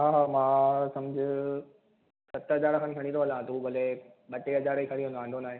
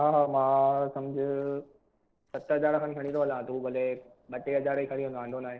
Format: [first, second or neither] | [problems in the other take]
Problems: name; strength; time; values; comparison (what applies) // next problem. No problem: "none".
first | noise reduction (neural separator model SepFormer DNS4)